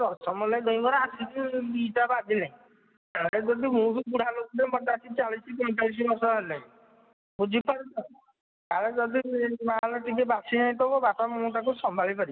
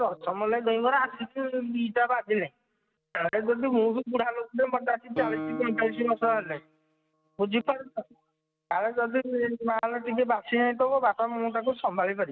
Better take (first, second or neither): first